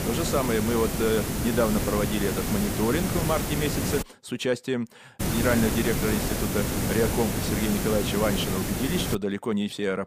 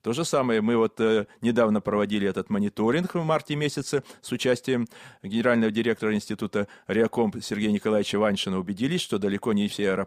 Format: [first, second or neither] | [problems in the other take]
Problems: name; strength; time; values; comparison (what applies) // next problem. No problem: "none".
second | hiss; loud; until 4 s and from 5 to 9 s; 1 dB below the speech